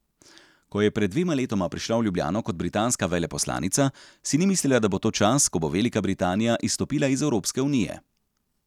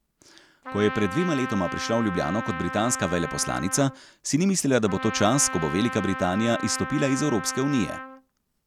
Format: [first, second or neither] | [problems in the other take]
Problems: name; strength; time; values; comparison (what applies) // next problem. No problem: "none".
first | background sound (Trumpet); 9 dB below the speech